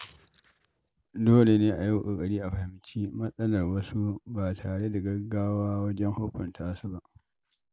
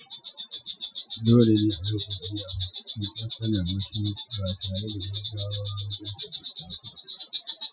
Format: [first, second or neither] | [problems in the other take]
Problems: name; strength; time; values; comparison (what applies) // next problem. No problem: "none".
first | noise reduction (classical method Wiener filter)